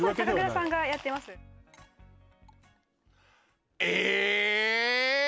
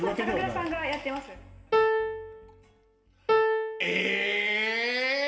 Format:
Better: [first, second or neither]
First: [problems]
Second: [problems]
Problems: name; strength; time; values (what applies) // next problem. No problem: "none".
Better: first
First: none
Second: background sound (Piano); 2 dB above the speech // room echo; dies away in 1.8 s